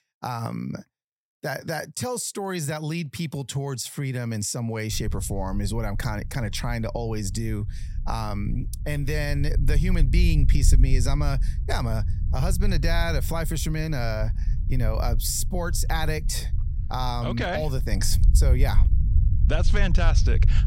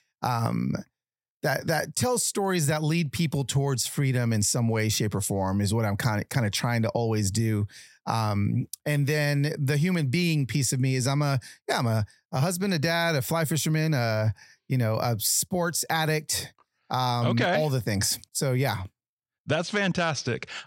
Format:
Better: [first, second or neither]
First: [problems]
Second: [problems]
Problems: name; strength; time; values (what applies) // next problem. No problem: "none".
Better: second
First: low rumble; noticeable; from 5 s on; 15 dB below the speech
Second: none